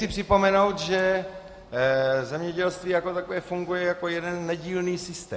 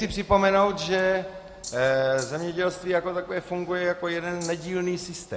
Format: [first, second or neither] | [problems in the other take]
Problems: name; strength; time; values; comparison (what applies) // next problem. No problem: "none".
first | background sound (Rattle (instrument)); 16 dB below the speech